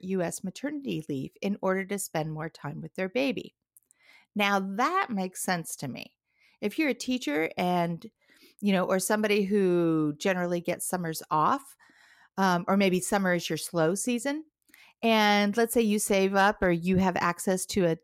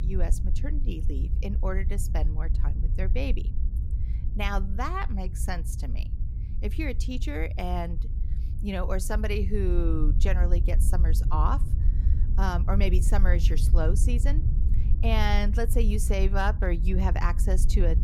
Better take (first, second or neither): first